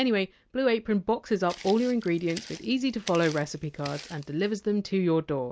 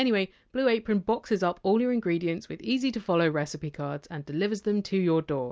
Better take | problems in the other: second | background sound (Walk, footsteps); 17 dB below the speech

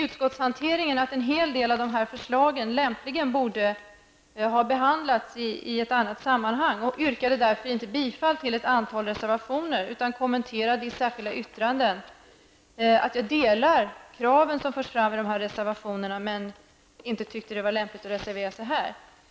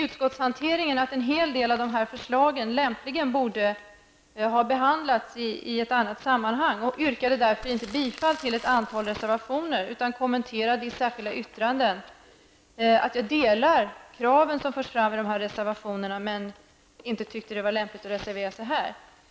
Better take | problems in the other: first | background sound (Crumpling, crinkling); 19 dB below the speech

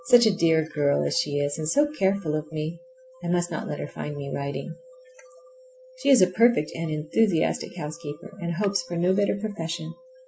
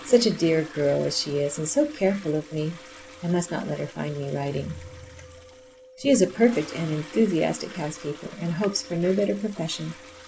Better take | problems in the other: first | background sound (Toilet flush); 18 dB below the speech

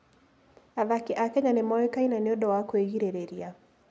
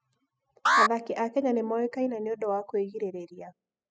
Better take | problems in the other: first | noise reduction (classical method spectral subtraction)

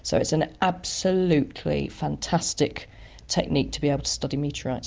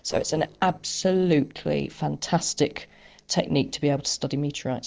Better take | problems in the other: first | noise reduction (neural separator model SepFormer DNS4)

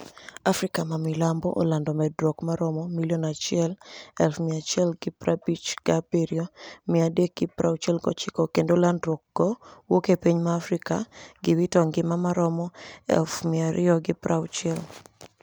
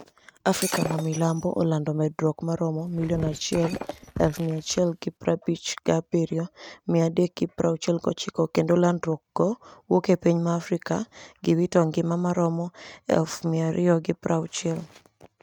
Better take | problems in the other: first | noise reduction (neural mask model RNNoise)

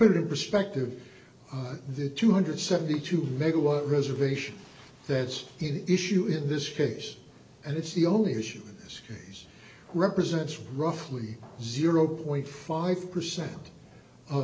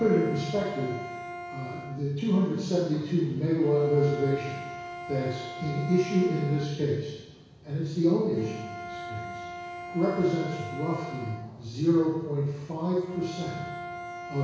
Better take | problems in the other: first | background sound (Bowed string instrument); 12 dB below the speech // room echo; dies away in 1.1 s

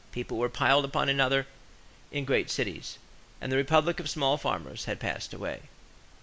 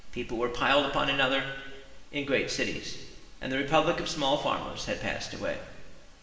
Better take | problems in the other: first | room echo; dies away in 1.3 s

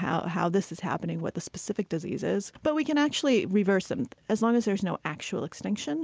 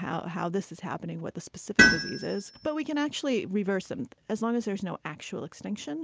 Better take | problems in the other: first | background sound (Tools); 3 dB above the speech

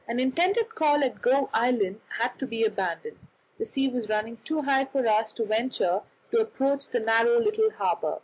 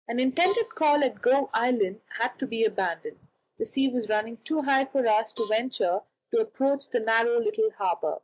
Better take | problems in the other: first | noise reduction (neural mask model DeepFilterNet 3)

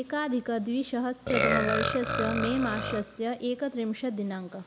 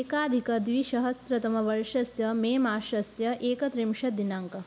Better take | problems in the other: second | background sound (Burping, eructation); 3 dB below the speech

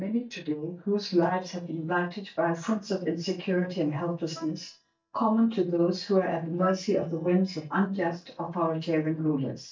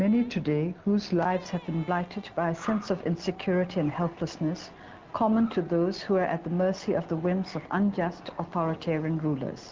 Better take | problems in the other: second | noise reduction (neural mask model DeepFilterNet 3)

